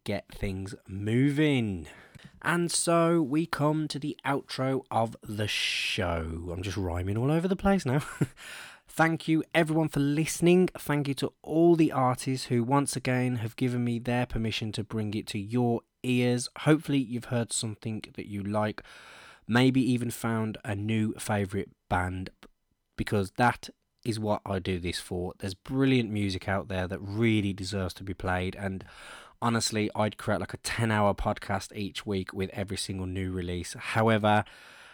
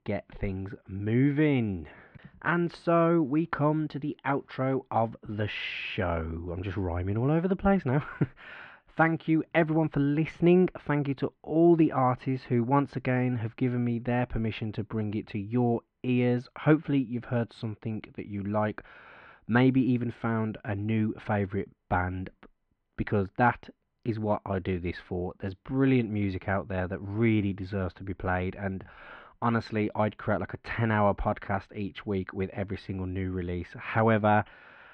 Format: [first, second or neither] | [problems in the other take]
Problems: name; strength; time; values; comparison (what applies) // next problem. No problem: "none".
first | muffled; very; fading above 2.5 kHz